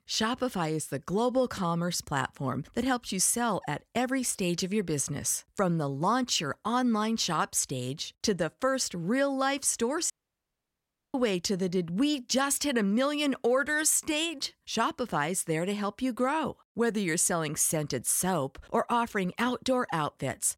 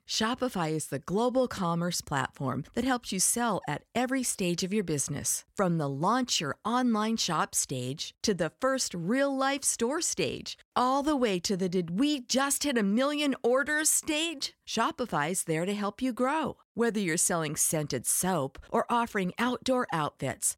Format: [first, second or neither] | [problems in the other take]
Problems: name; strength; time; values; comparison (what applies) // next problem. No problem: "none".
second | audio cutting out; at 10 s for 1 s